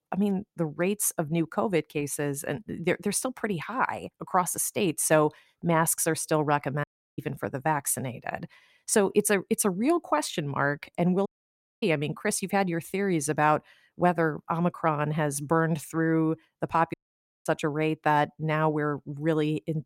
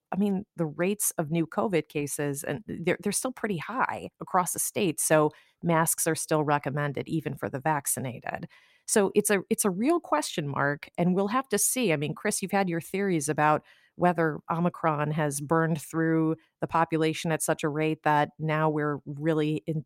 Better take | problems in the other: second | audio cutting out; at 7 s, at 11 s for 0.5 s and at 17 s for 0.5 s

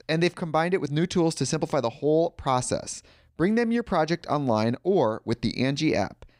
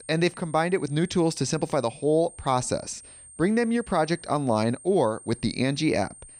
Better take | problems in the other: first | high-pitched whine; noticeable; throughout; 8.5 kHz, 20 dB below the speech

